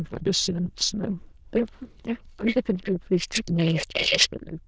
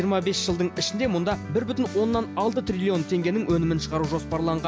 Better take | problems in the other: second | noise reduction (neural diffusion model UNIVERSE++)

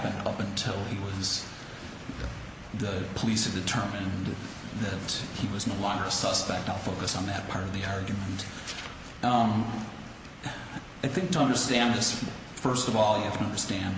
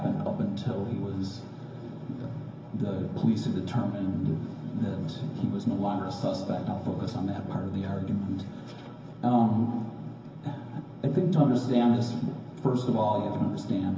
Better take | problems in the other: first | room echo; dies away in 0.4 s

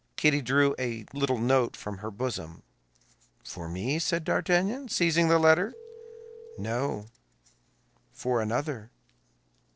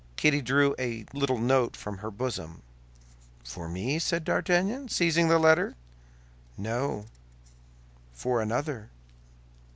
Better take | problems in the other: second | noise reduction (neural separator model SepFormer DNS4)

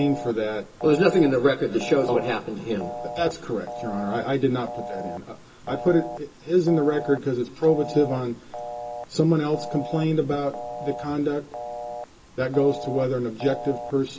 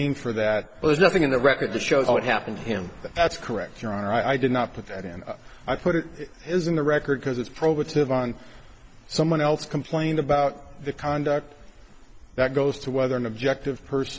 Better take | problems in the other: second | background sound (Telephone); 12 dB below the speech // room echo; dies away in 0.2 s

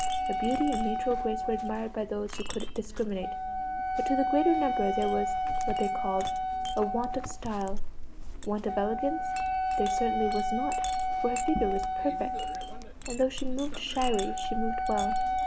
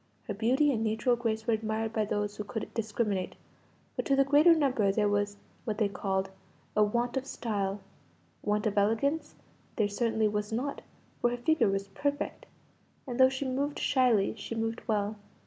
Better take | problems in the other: second | background sound (Chink, clink + Wind instrument, woodwind instrument); 2 dB above the speech

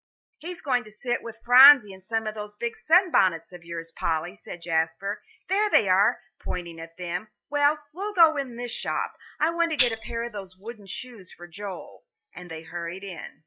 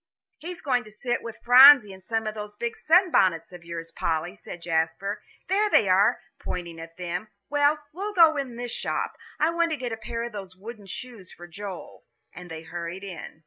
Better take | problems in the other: second | noise reduction (classical method log-MMSE)

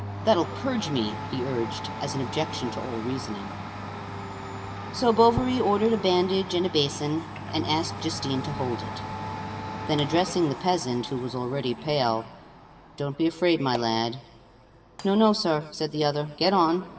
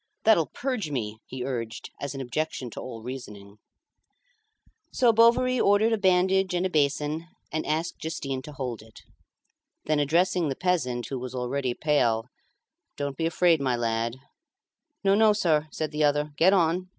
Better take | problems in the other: second | background sound (Domestic sounds, home sounds); 10 dB below the speech // room echo; dies away in 2.4 s

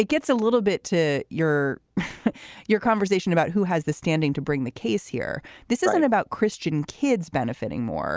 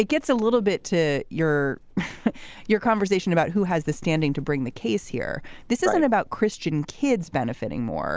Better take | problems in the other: first | background sound (Livestock, farm animals, working animals); 20 dB below the speech

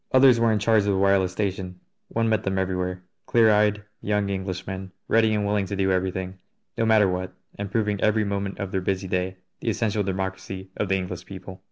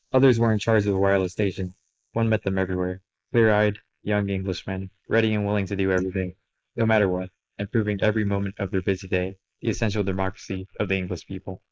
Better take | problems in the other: first | noise reduction (neural mask model Resemble Enhance denoiser)

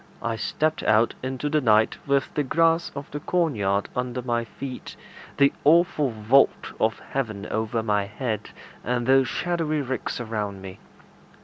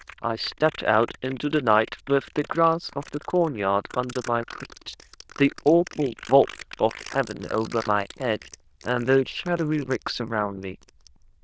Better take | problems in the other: first | noise reduction (neural diffusion model UNIVERSE++)

